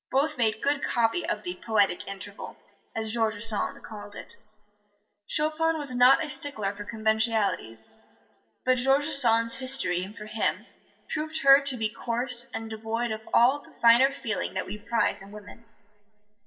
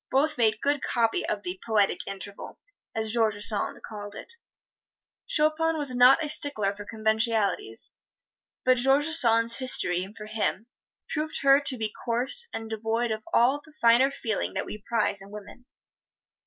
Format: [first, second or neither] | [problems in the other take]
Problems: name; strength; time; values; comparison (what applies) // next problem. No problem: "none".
second | room echo; dies away in 2 s